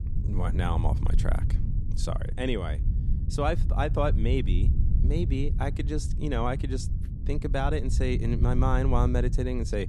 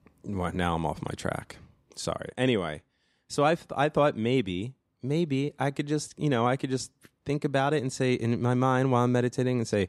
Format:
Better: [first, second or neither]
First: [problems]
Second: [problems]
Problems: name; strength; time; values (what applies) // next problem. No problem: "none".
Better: second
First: low rumble; noticeable; throughout; 10 dB below the speech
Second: none